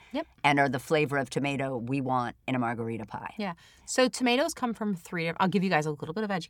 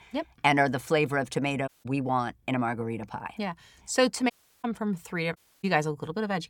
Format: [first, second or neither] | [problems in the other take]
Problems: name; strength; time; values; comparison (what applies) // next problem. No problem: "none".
first | audio cutting out; at 1.5 s, at 4.5 s and at 5.5 s